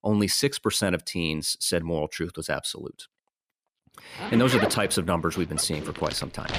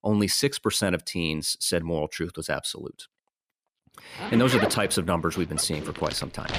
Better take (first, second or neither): neither